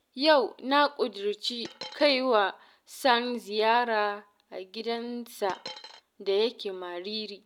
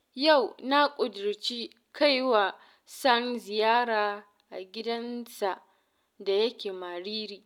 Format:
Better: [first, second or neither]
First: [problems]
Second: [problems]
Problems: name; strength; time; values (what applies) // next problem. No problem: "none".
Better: second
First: background sound (Coin (dropping)); 15 dB below the speech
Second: none